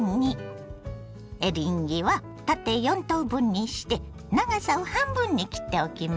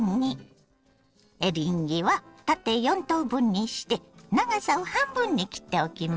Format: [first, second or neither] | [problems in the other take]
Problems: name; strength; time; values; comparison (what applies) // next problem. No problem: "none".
first | noise reduction (neural separator model SepFormer DNS4)